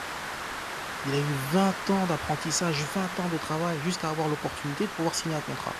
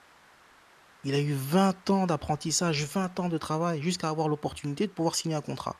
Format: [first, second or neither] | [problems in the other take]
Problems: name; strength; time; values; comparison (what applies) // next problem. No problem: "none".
second | hiss; loud; throughout; 6 dB below the speech; faint in the second